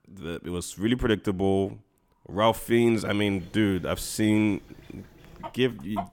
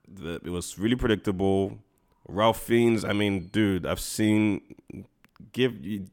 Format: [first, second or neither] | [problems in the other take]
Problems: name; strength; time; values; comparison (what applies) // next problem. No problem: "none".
second | animal sounds; noticeable; from 3 s on; 20 dB below the speech